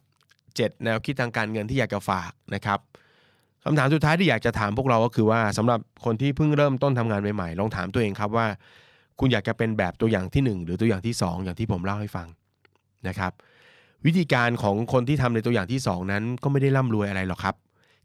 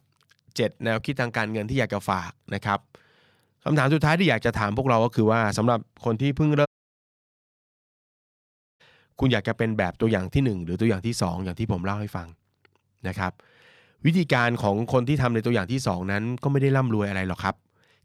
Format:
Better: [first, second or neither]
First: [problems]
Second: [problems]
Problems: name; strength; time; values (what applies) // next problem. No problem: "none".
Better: first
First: none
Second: audio cutting out; at 6.5 s for 2 s